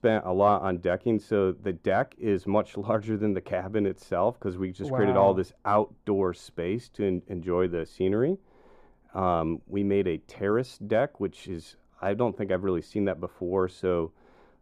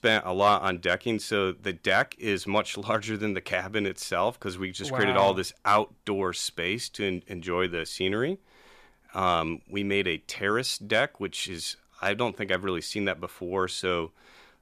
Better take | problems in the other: second | muffled; very; fading above 1.5 kHz

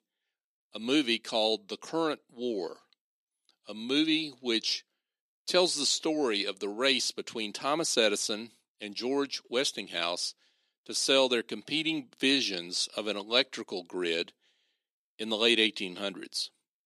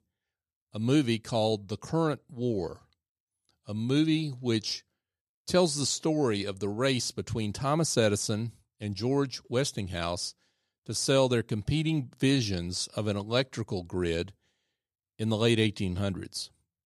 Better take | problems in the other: second | thin; very slightly; fading below 250 Hz

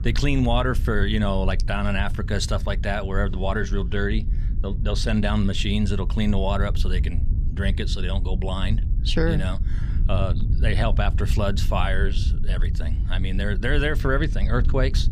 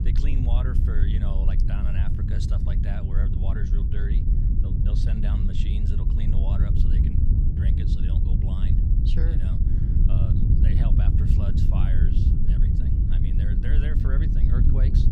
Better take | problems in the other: first | wind noise on the microphone; heavy; 3 dB above the speech; occasional gusts in the first

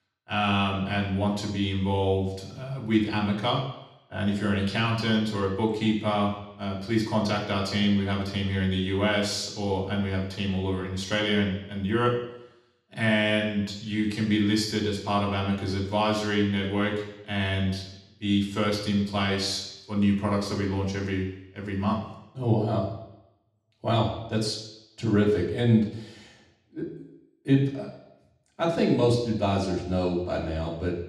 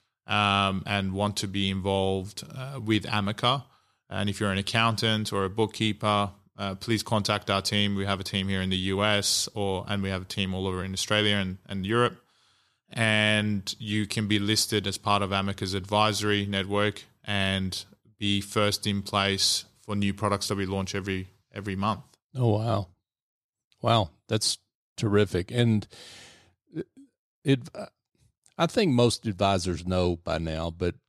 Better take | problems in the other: second | room echo; noticeable; dies away in 0.8 s // off-mic speech; far

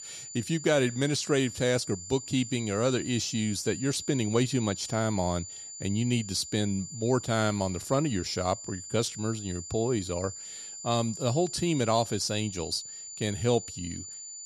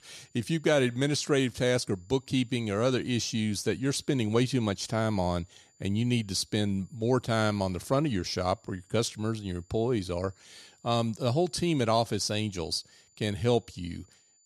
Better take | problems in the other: second | high-pitched whine; loud; throughout; 7 kHz, 10 dB below the speech; faint in the second

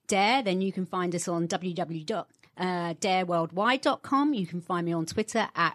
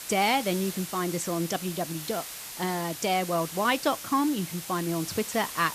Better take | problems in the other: first | hiss; loud; throughout; 8 dB below the speech

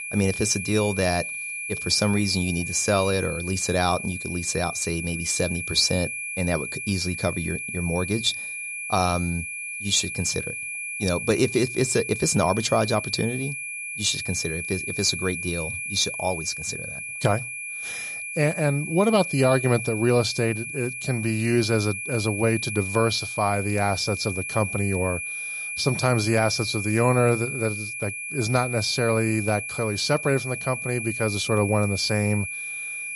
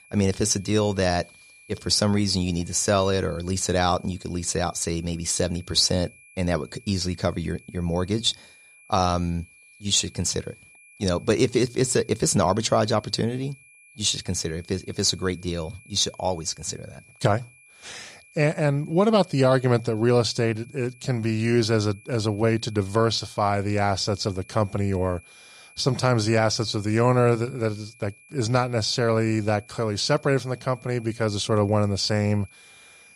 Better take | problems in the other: second | high-pitched whine; loud; throughout; 2.5 kHz, 5 dB below the speech; faint in the second

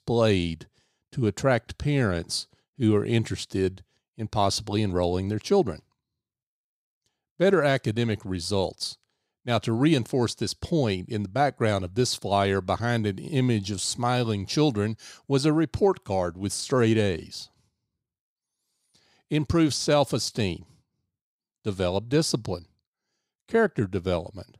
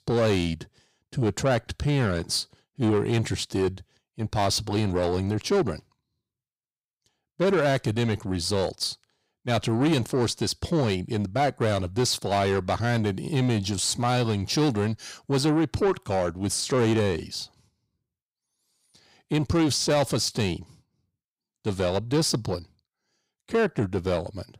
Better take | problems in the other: first | distortion; slight; 10 dB below the speech

